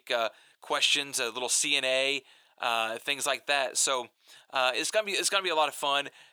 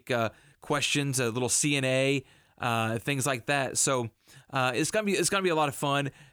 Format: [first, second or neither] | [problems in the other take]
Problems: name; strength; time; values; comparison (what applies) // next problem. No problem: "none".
second | thin; very; fading below 500 Hz